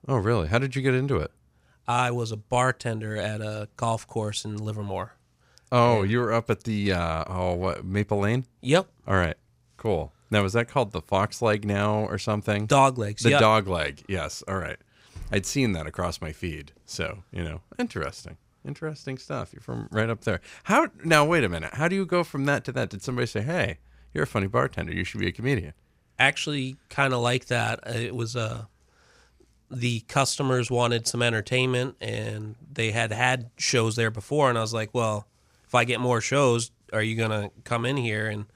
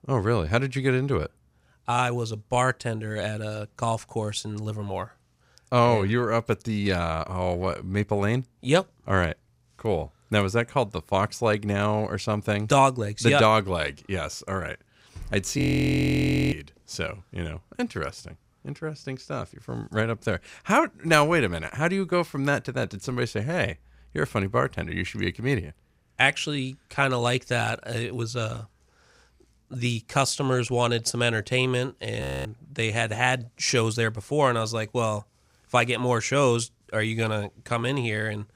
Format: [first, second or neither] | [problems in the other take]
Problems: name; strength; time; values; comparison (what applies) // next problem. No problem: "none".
first | audio freezing; at 16 s for 1 s and at 32 s